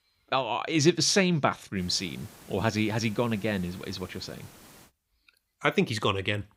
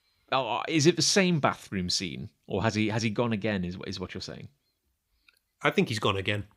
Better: second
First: hiss; faint; from 2 to 5 s; 20 dB below the speech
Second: none

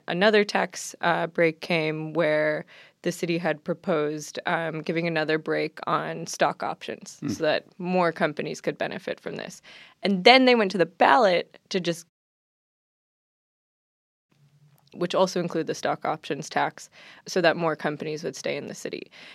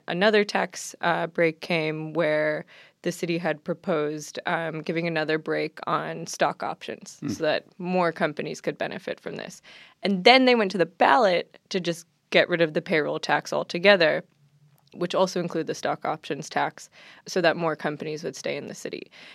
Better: second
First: audio cutting out; at 12 s for 2 s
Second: none

